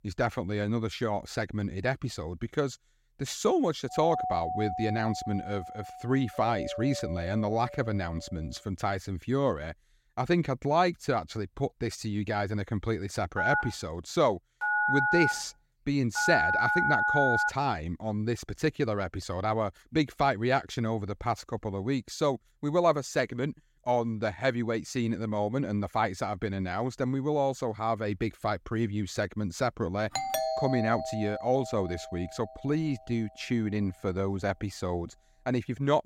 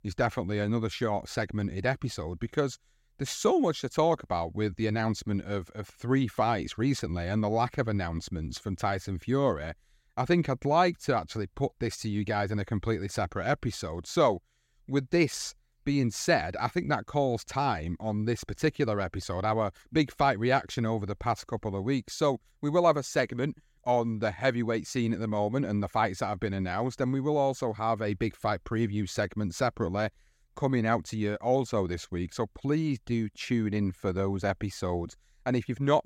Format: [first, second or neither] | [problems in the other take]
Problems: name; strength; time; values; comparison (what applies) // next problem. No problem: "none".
second | doorbell; noticeable; from 4 to 8.5 s; peak 1 dB below the speech // phone ringing; loud; from 13 to 18 s; peak 5 dB above the speech // doorbell; loud; from 30 to 32 s; peak level with the speech